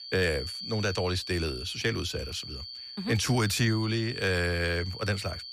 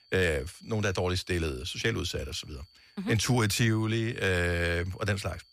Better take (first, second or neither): second